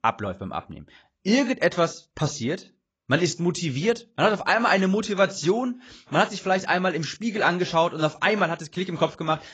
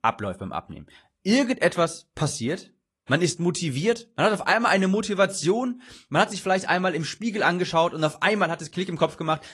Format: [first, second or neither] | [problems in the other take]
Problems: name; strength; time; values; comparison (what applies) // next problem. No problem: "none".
second | garbled, watery; badly; nothing above 7.5 kHz; slightly in the second